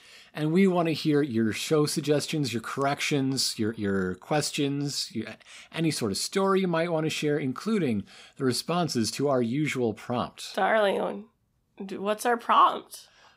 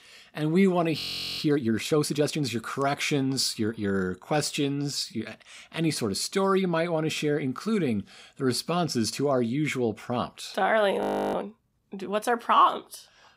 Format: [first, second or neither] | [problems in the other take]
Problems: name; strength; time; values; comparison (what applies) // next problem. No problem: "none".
first | audio freezing; at 1 s and at 11 s